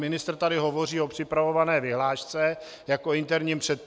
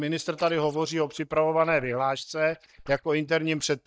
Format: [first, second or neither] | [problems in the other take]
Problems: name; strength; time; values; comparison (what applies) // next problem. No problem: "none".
first | noise reduction (neural mask model DeepFilterNet 3)